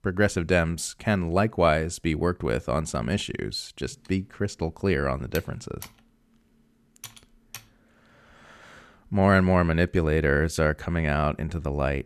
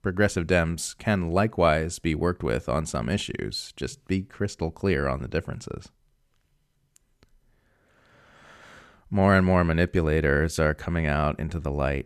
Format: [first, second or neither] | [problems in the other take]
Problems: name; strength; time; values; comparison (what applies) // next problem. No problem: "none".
second | keyboard typing; faint; from 4 to 7.5 s; peak 15 dB below the speech